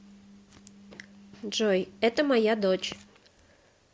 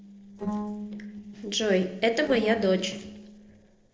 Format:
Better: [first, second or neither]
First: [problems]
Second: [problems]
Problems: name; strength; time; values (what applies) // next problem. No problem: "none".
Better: first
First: none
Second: noise reduction (neural separator model SepFormer DNS4)